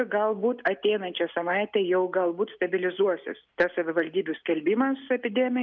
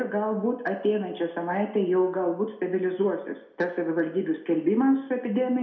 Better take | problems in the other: first | room echo; dies away in 0.6 s

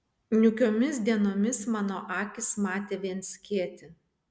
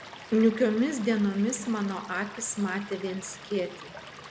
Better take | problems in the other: first | background sound (Stream / Liquid); 16 dB below the speech

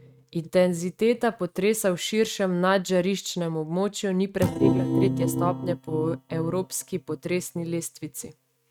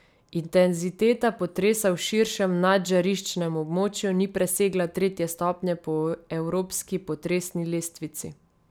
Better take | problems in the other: second | noise reduction (neural mask model RNNoise)

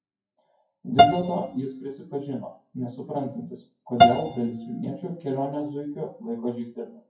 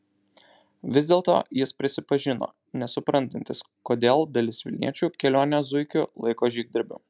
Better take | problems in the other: second | noise reduction (classical method WPE with log-MMSE)

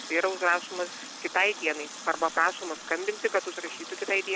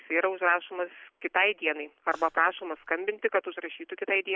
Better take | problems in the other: second | background sound (Water tap, faucet); 12 dB below the speech

